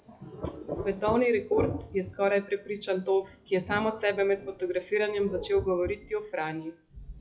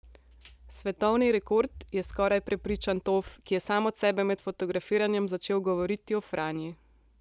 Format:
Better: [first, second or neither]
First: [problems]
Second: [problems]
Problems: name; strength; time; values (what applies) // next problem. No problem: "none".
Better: second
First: noise reduction (classical method WPE with log-MMSE)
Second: none